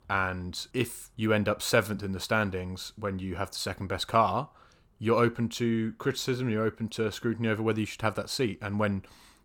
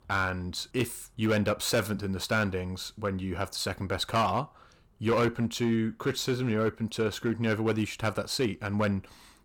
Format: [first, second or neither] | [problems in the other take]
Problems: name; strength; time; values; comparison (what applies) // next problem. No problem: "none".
first | distortion; slight; 5% of the sound clipped